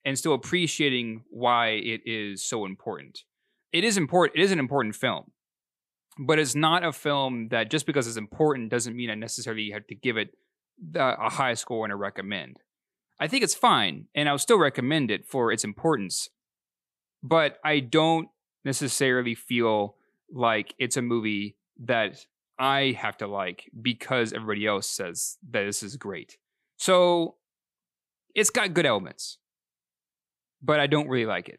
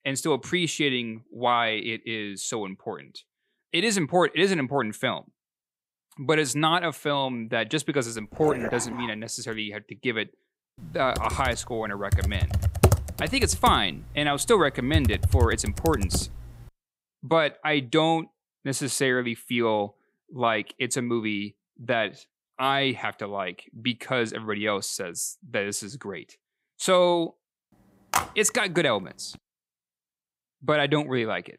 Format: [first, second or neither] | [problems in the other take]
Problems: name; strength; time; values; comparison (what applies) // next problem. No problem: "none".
first | dog barking; noticeable; at 8.5 s; peak 6 dB below the speech // keyboard typing; loud; from 11 to 16 s; peak 4 dB above the speech // phone ringing; noticeable; at 28 s; peak 1 dB below the speech